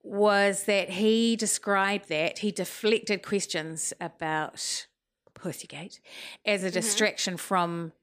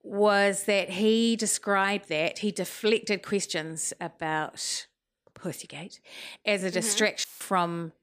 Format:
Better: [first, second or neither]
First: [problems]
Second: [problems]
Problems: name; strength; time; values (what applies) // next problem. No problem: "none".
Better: first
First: none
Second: audio cutting out; filled with static; at 7 s